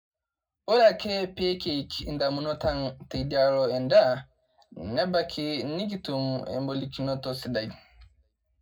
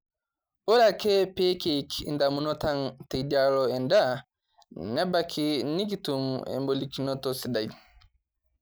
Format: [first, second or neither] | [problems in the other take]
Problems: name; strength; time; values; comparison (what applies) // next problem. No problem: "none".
second | room echo; dies away in 0.3 s